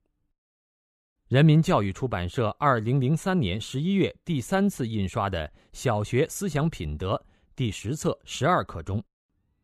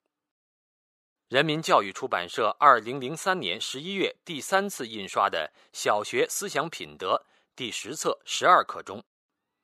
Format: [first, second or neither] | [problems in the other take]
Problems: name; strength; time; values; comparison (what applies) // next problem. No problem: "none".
first | thin; very; fading below 500 Hz